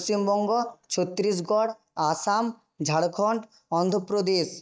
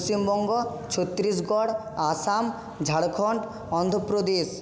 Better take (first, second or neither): second